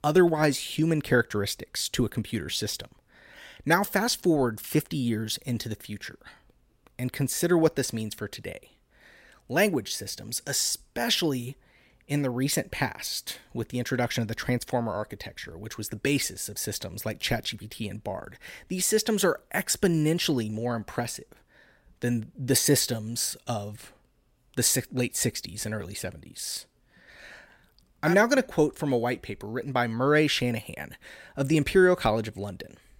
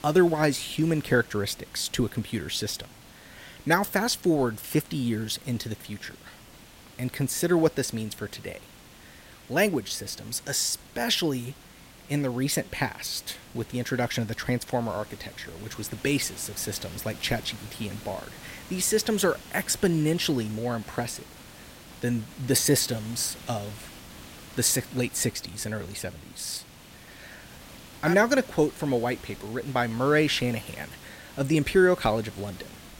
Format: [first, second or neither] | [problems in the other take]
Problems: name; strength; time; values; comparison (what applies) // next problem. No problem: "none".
first | hiss; noticeable; throughout; 20 dB below the speech